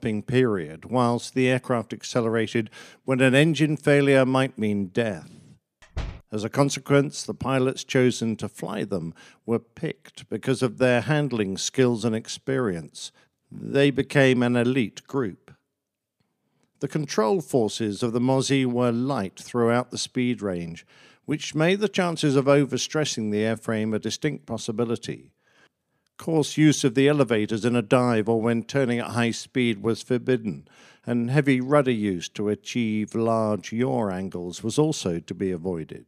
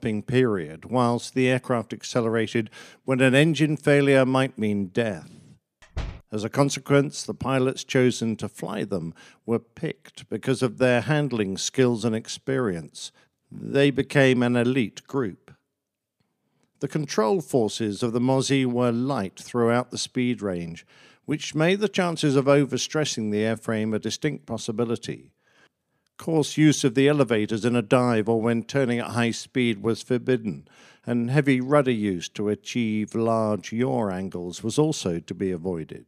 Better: neither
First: door banging; faint; at 6 s; peak 10 dB below the speech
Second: door banging; faint; at 6 s; peak 10 dB below the speech

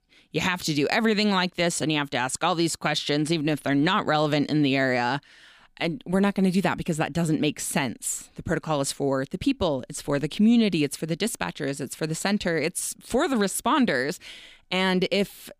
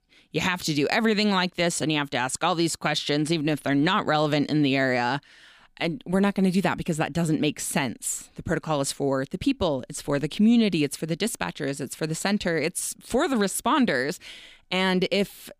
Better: neither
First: none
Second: none

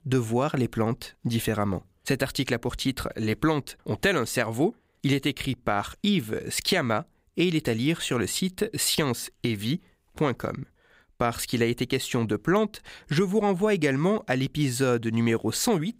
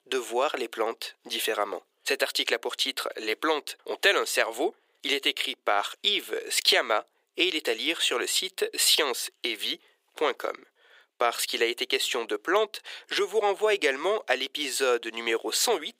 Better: first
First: none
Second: thin; very; fading below 400 Hz

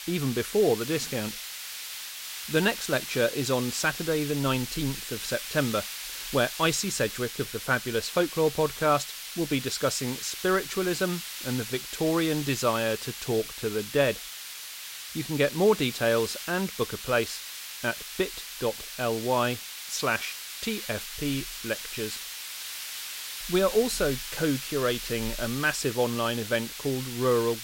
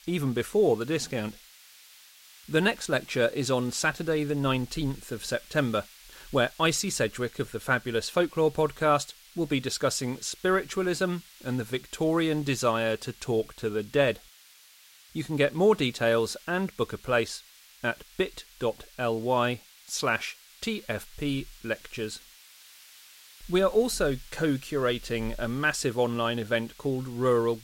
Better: second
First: hiss; loud; throughout; 7 dB below the speech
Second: hiss; faint; throughout; 20 dB below the speech

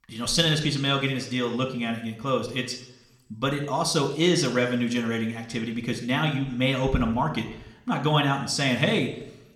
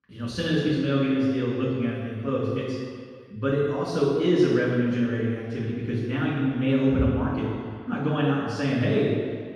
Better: first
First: room echo; slight; dies away in 0.8 s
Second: room echo; strong; dies away in 1.8 s // off-mic speech; far

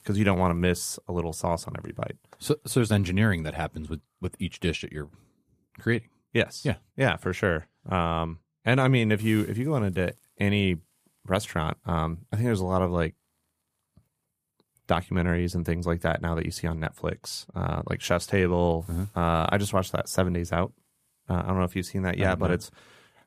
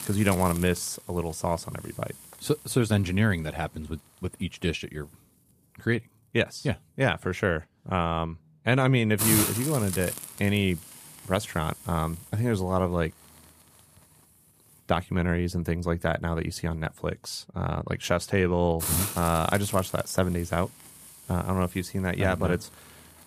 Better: first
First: hiss; faint; throughout; 30 dB below the speech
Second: hiss; loud; throughout; 5 dB below the speech

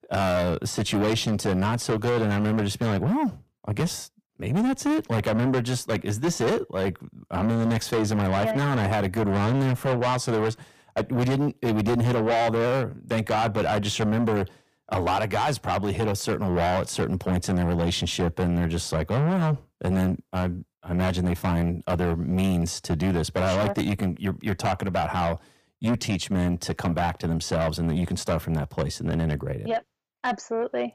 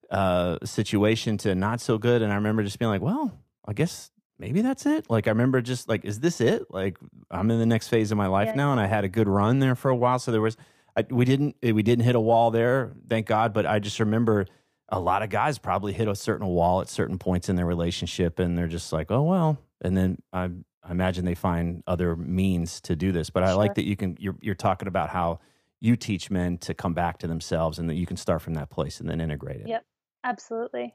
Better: second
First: distortion; heavy; 7 dB below the speech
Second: none

